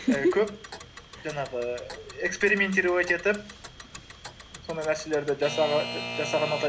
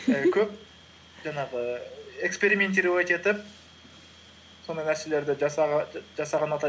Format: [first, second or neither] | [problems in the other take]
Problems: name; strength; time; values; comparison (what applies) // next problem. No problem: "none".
second | background sound (Alarm / Clock); 12 dB below the speech